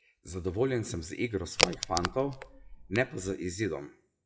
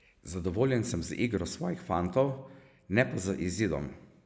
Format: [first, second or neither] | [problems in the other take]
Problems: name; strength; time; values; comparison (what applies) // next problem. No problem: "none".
second | noise reduction (classical method WPE with log-MMSE)